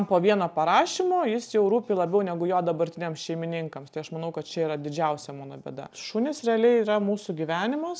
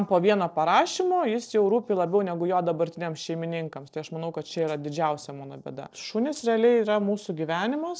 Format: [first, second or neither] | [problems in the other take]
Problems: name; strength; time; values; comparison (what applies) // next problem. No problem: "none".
first | noise reduction (neural separator model SepFormer DNS4)